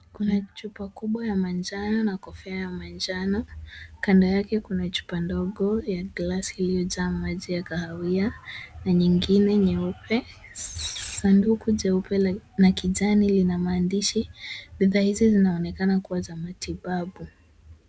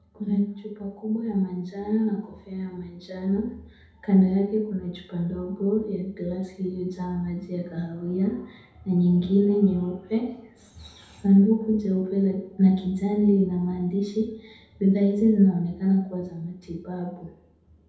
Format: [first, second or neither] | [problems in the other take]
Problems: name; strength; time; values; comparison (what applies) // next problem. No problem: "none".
first | room echo; dies away in 0.8 s